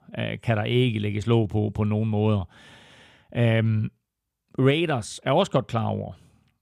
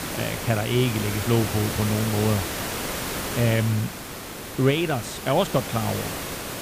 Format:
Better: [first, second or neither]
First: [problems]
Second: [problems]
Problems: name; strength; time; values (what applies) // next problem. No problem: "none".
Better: first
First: none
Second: hiss; loud; throughout; 5 dB below the speech